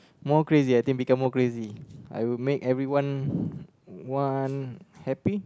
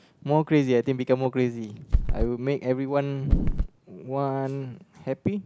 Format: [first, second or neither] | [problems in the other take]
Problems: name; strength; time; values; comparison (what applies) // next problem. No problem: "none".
first | background sound (Run); 4 dB above the speech